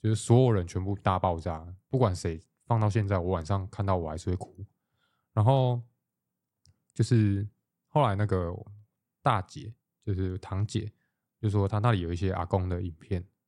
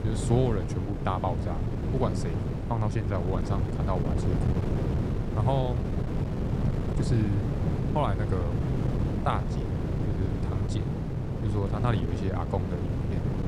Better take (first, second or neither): first